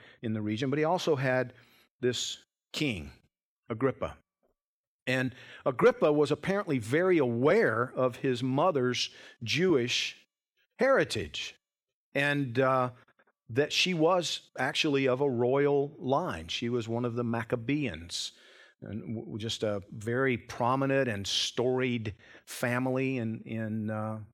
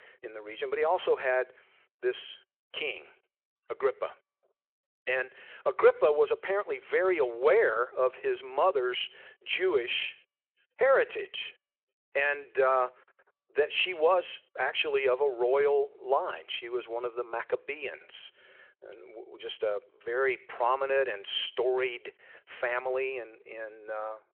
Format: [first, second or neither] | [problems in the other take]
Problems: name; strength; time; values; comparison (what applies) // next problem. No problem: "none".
first | phone-call audio; nothing above 3 kHz